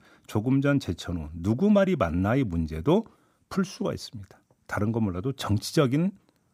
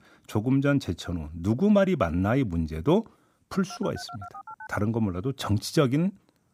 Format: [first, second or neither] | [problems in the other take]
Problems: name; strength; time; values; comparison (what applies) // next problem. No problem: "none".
first | phone ringing; faint; at 3.5 s; peak 15 dB below the speech